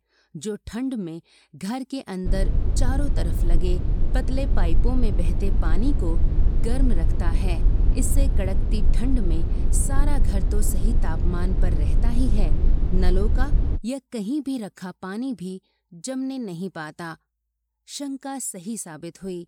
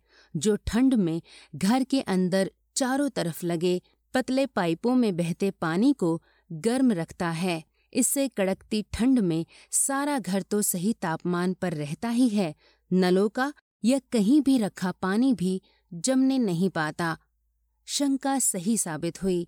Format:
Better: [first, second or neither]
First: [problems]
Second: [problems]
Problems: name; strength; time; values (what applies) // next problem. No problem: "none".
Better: second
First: low rumble; loud; from 2.5 to 14 s; 6 dB below the speech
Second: none